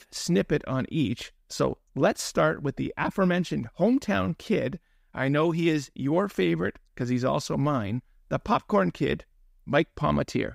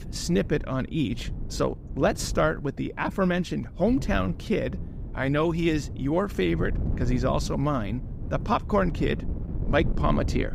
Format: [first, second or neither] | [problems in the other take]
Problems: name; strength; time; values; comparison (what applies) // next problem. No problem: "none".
first | wind noise on the microphone; occasional gusts; 15 dB below the speech